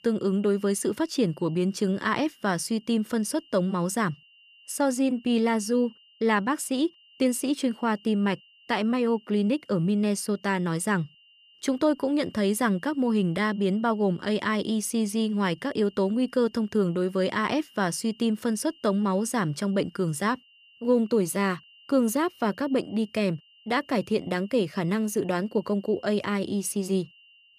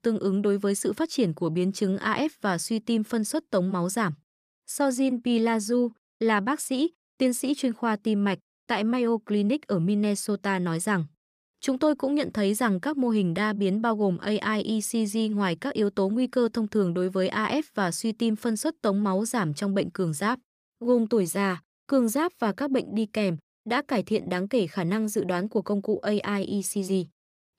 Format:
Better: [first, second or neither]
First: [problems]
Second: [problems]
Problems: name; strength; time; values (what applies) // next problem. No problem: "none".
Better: second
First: high-pitched whine; faint; throughout; 3 kHz, 30 dB below the speech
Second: none